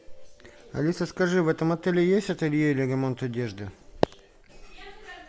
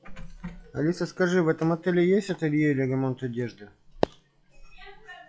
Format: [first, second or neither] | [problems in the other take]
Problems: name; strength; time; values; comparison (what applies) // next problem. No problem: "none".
first | noise reduction (classical method log-MMSE)